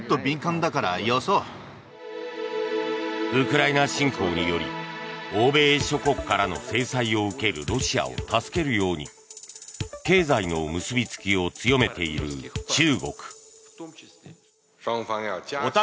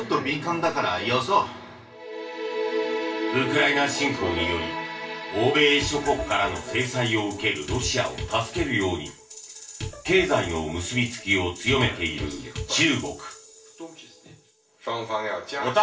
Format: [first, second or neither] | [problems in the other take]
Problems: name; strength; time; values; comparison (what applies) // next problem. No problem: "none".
first | room echo; dies away in 0.3 s